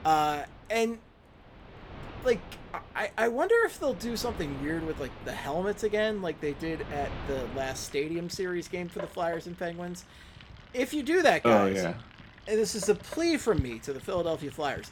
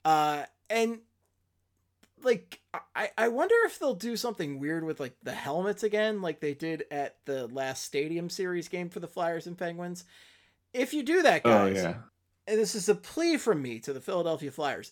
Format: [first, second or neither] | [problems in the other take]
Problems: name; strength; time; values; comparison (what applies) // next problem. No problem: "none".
second | rain or running water; noticeable; throughout; 15 dB below the speech